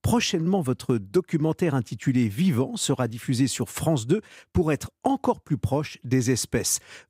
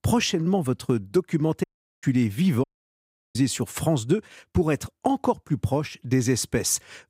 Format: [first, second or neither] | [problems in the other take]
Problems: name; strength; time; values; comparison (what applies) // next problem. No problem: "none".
first | audio cutting out; at 1.5 s and at 2.5 s for 0.5 s